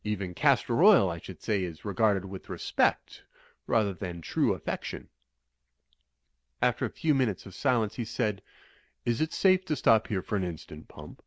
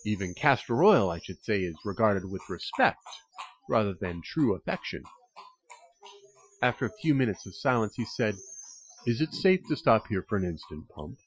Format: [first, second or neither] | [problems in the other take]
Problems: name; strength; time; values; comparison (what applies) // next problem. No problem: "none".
first | noise reduction (classical method Wiener filter)